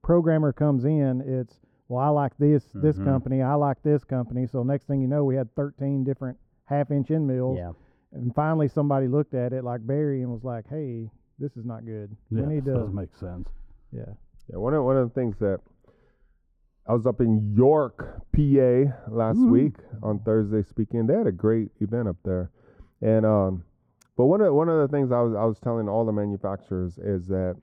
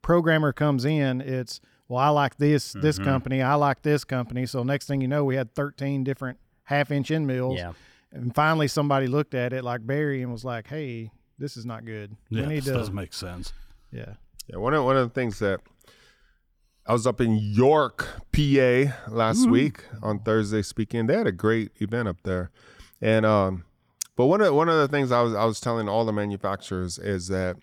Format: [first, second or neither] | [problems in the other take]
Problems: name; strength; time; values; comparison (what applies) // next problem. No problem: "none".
second | muffled; very; fading above 1.5 kHz